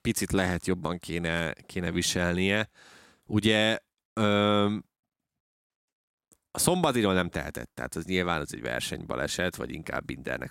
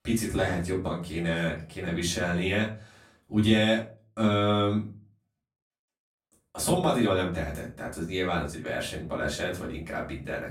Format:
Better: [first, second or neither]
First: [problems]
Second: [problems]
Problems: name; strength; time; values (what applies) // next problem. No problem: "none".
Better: first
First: none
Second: off-mic speech; far // room echo; slight; dies away in 0.4 s